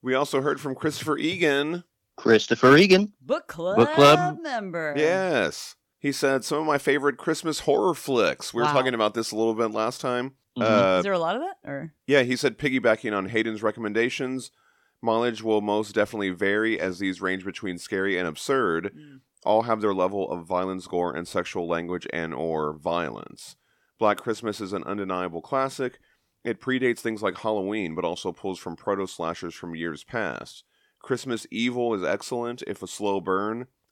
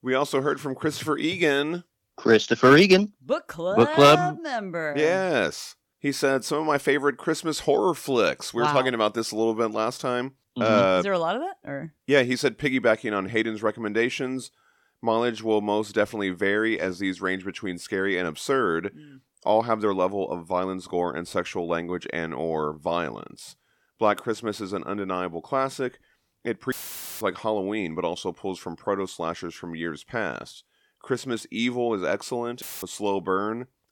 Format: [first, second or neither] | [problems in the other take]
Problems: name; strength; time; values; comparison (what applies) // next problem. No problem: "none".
first | audio cutting out; filled with static; at 27 s and at 33 s